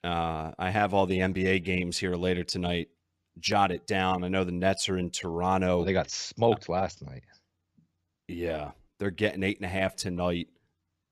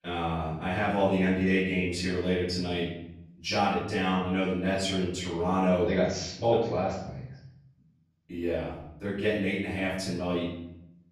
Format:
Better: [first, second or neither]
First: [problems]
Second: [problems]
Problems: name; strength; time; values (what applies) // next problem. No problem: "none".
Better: first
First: none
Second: off-mic speech; far // room echo; noticeable; dies away in 0.8 s